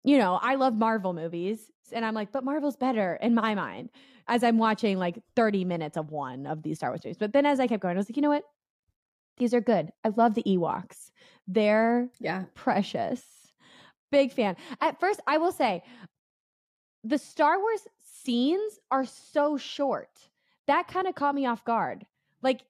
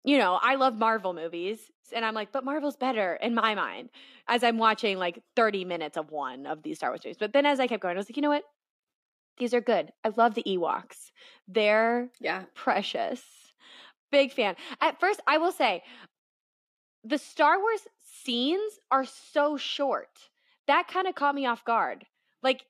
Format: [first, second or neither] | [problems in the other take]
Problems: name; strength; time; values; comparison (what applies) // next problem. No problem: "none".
first | thin; very slightly; fading below 300 Hz